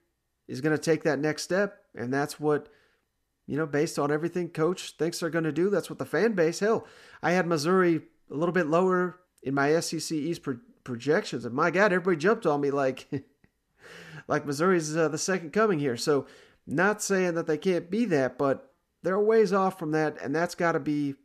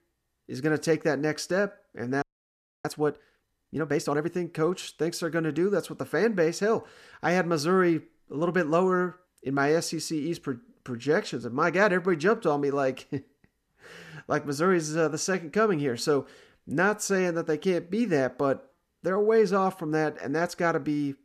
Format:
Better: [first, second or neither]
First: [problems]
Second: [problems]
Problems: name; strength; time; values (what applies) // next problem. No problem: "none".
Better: first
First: none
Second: audio freezing; at 2 s for 0.5 s